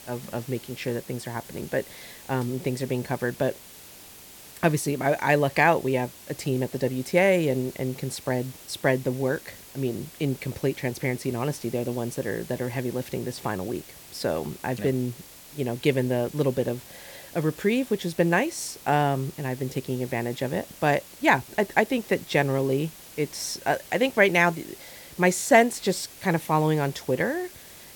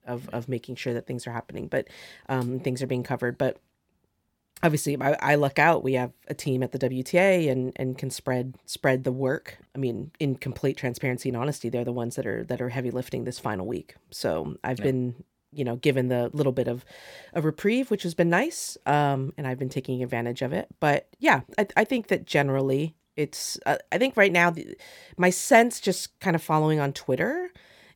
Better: second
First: hiss; noticeable; throughout; 20 dB below the speech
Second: none

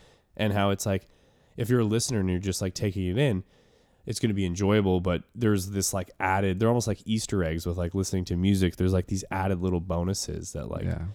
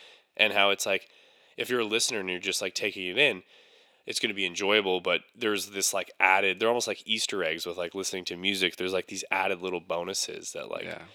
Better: first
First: none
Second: thin; very; fading below 500 Hz

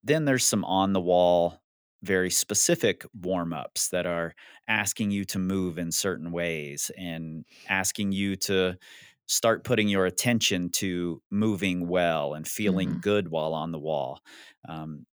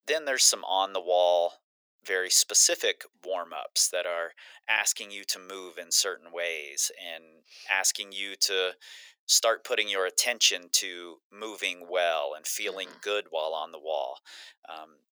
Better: first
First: none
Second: thin; very; fading below 500 Hz

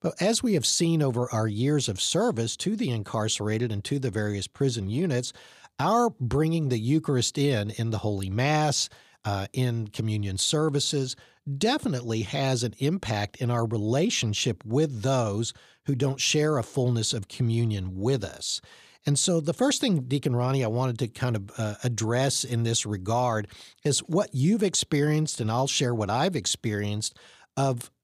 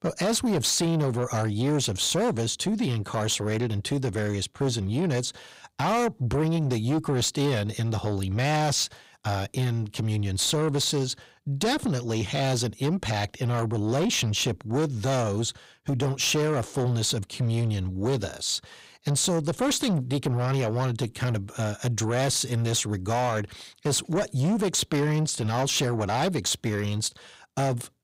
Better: first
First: none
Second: distortion; slight; 10 dB below the speech

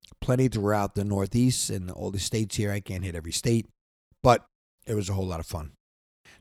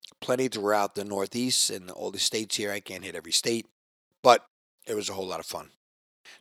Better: first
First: none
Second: thin; somewhat; fading below 400 Hz

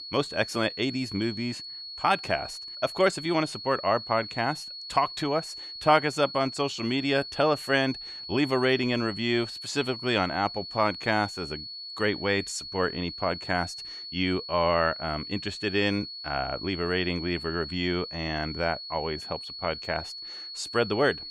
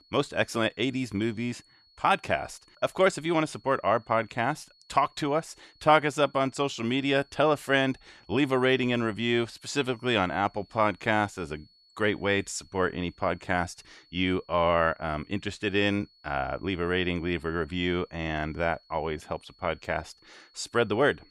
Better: second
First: high-pitched whine; loud; throughout; 4.5 kHz, 9 dB below the speech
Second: high-pitched whine; faint; throughout; 4.5 kHz, 30 dB below the speech

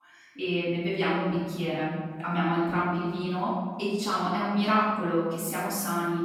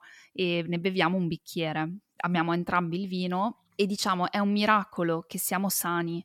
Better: second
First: off-mic speech; far // room echo; strong; dies away in 1.5 s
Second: none

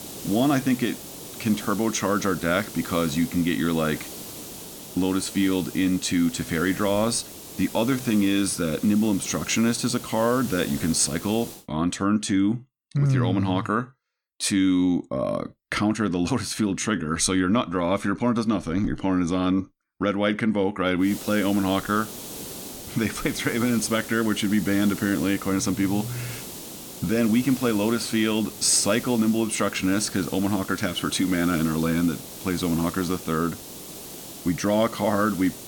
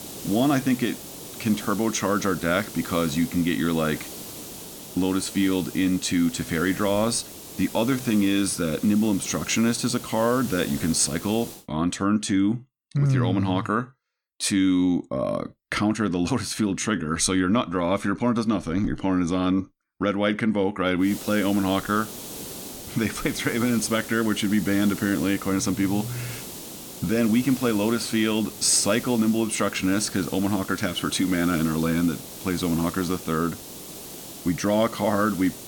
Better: neither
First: hiss; noticeable; until 12 s and from 21 s on; 10 dB below the speech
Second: hiss; noticeable; until 12 s and from 21 s on; 10 dB below the speech

